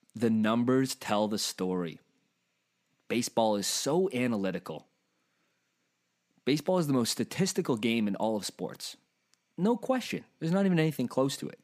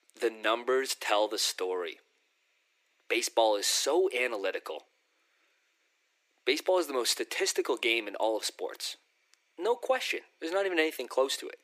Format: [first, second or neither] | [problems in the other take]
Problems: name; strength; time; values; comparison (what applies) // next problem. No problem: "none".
first | thin; very; fading below 350 Hz